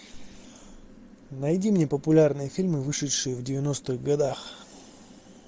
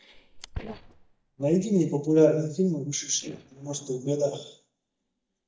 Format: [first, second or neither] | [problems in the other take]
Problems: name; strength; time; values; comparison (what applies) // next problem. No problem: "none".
first | noise reduction (neural mask model DeepFilterNet 3)